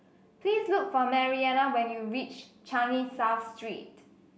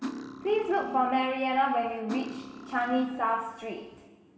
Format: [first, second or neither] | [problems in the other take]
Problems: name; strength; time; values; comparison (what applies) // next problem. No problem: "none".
first | background sound (Cutlery, silverware); 12 dB below the speech // room echo; dies away in 1.3 s